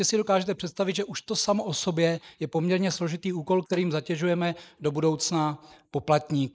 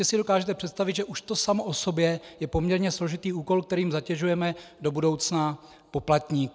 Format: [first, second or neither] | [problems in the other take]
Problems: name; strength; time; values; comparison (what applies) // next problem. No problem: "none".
second | noise reduction (neural mask model Resemble Enhance denoiser)